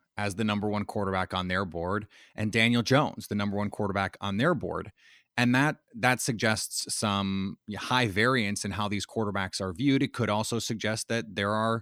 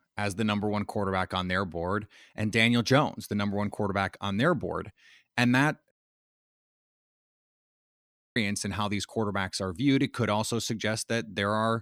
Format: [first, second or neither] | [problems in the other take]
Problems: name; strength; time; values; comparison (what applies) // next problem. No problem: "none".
first | audio cutting out; at 6 s for 2.5 s